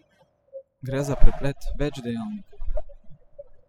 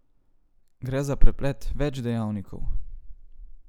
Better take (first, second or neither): second